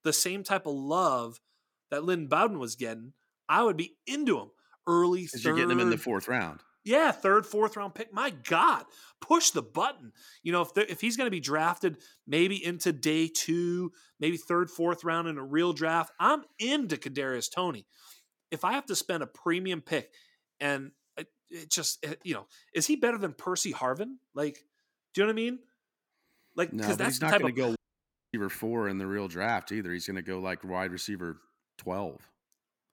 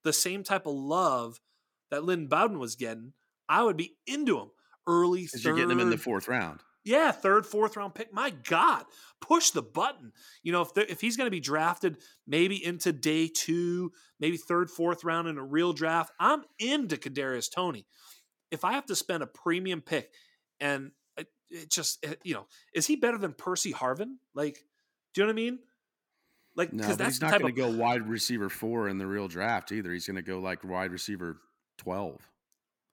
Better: second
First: audio cutting out; at 28 s for 0.5 s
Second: none

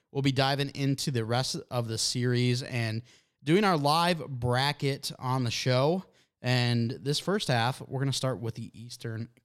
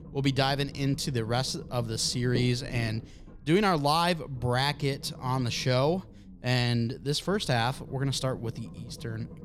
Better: first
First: none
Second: low rumble; noticeable; throughout; 20 dB below the speech

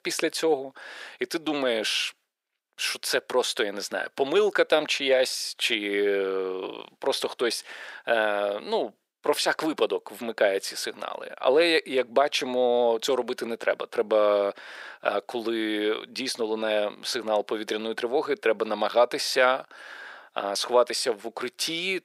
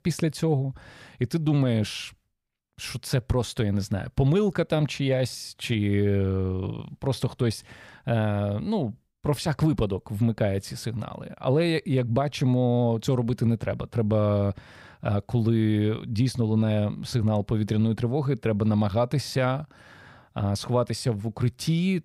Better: second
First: thin; very; fading below 400 Hz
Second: none

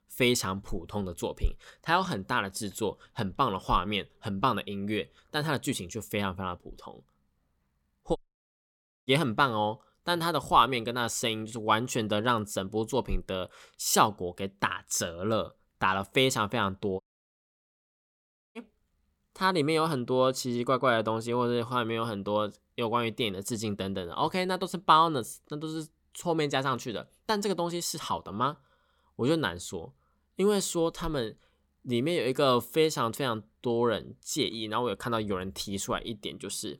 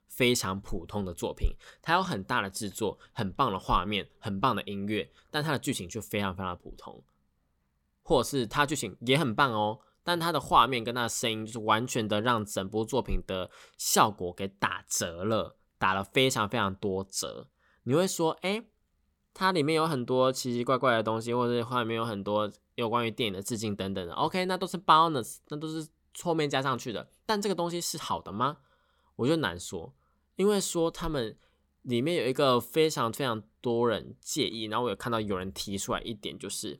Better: second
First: audio cutting out; at 8 s for 1 s and at 17 s for 1.5 s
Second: none

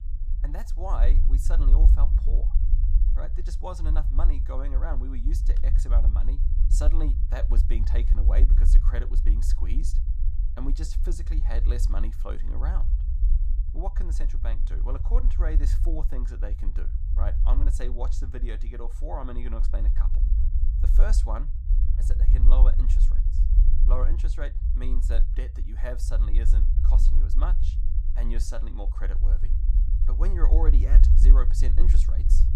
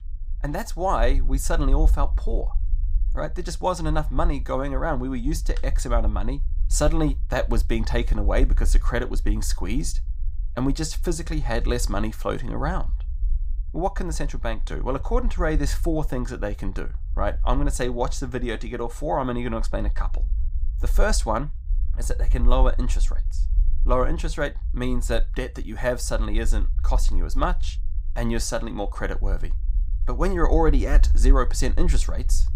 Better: second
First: low rumble; loud; throughout; 7 dB below the speech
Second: low rumble; faint; throughout; 25 dB below the speech

